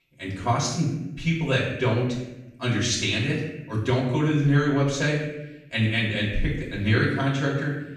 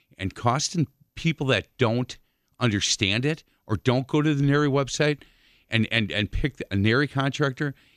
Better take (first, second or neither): second